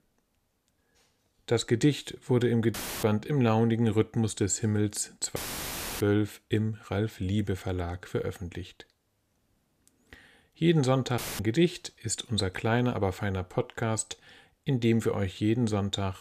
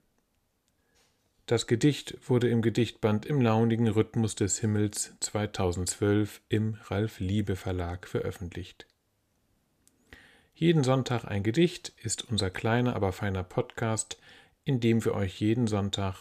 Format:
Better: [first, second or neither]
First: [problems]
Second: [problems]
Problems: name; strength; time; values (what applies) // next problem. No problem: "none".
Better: second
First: audio cutting out; filled with static; at 2.5 s, at 5.5 s for 0.5 s and at 11 s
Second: none